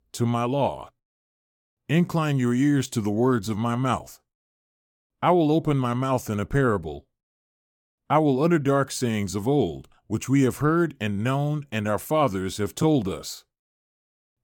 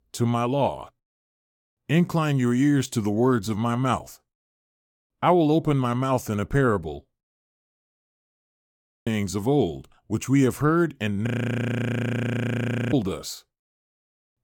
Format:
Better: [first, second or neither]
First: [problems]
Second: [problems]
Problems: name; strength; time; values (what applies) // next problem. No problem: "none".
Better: first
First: none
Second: audio freezing; at 8 s for 1 s and at 11 s for 1.5 s